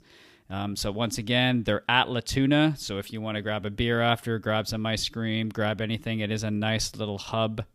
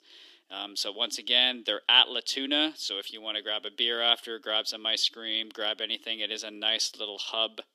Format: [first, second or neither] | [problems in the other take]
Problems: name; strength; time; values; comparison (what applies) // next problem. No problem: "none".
first | thin; somewhat; fading below 300 Hz